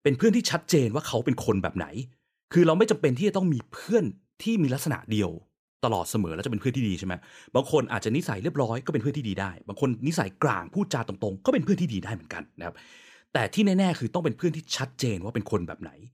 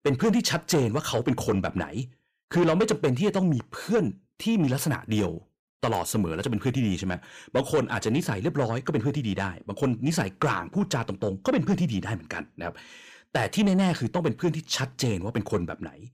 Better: first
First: none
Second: distortion; slight; 10 dB below the speech

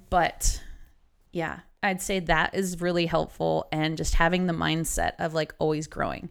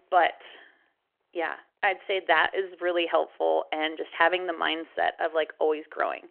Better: first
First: none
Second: phone-call audio

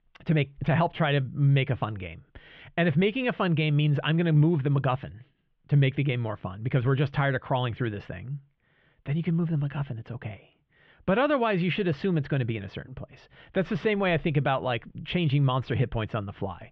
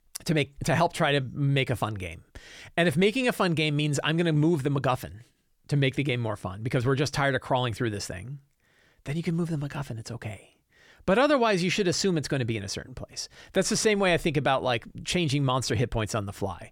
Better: second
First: muffled; very; fading above 3 kHz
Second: none

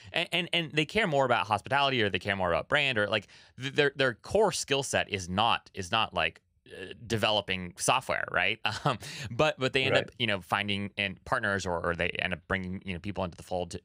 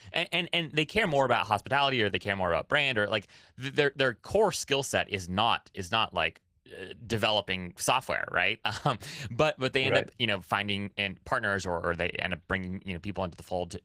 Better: first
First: none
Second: garbled, watery; slightly; nothing above 15.5 kHz

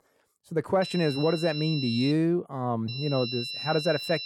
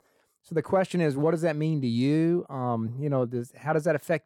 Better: second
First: high-pitched whine; loud; from 1 to 2 s and from 3 s on; 4 kHz, 7 dB below the speech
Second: none

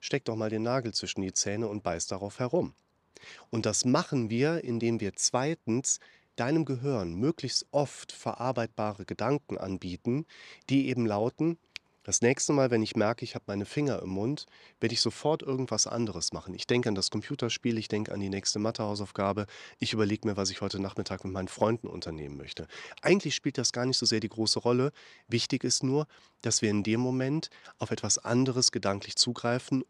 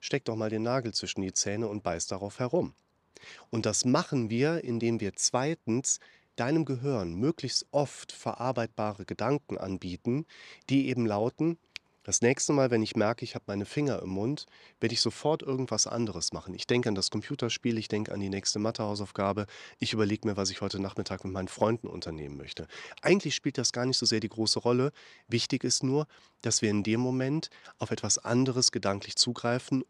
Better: neither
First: none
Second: none

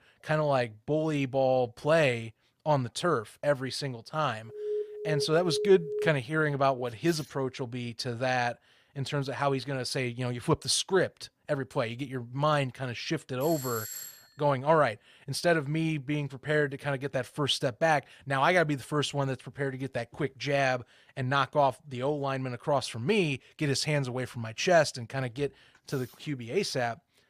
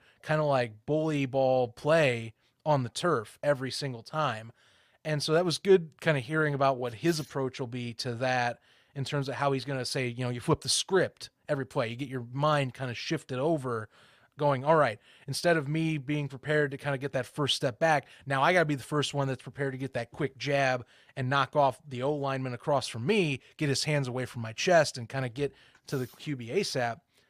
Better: second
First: alarm; noticeable; from 4.5 to 6 s; peak 5 dB below the speech // doorbell; noticeable; at 13 s; peak 7 dB below the speech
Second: none

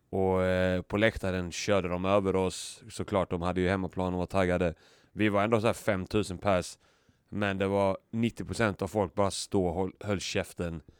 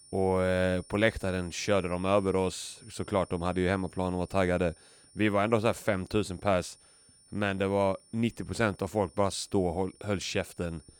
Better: first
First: none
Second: high-pitched whine; faint; throughout; 9.5 kHz, 25 dB below the speech

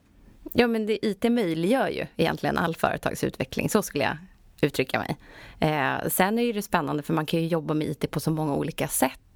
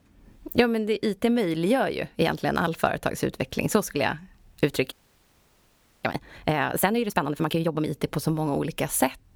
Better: first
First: none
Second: audio freezing; at 5 s for 1 s

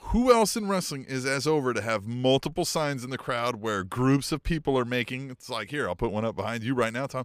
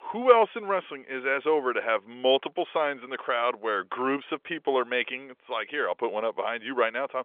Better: first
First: none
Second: phone-call audio; nothing above 3.5 kHz

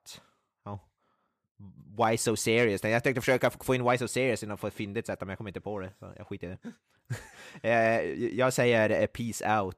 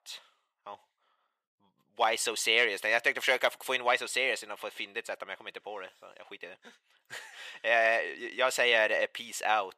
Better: first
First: none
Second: thin; very; fading below 700 Hz

